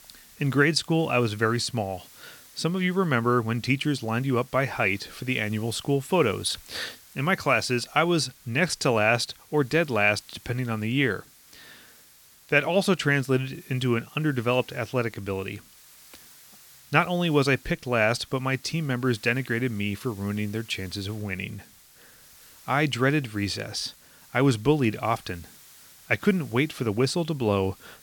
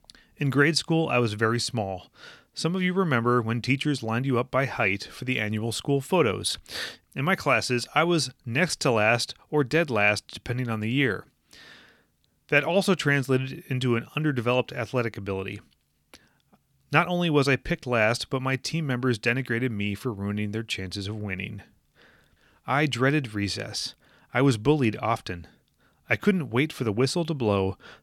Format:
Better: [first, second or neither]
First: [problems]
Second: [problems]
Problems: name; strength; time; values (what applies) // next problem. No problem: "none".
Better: second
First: hiss; faint; throughout; 25 dB below the speech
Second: none